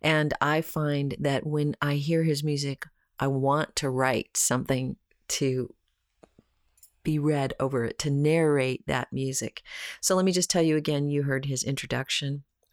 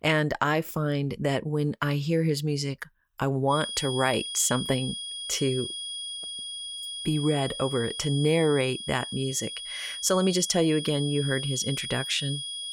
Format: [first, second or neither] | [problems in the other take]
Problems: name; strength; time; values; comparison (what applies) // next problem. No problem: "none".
first | high-pitched whine; loud; from 3.5 s on; 3.5 kHz, 6 dB below the speech